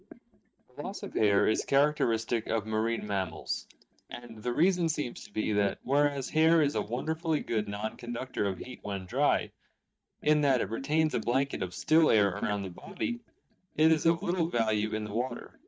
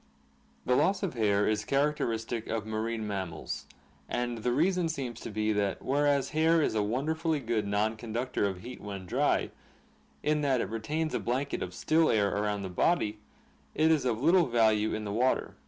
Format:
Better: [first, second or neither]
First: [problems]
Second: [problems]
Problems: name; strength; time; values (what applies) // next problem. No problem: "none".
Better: second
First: noise reduction (neural mask model DeepFilterNet 3)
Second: none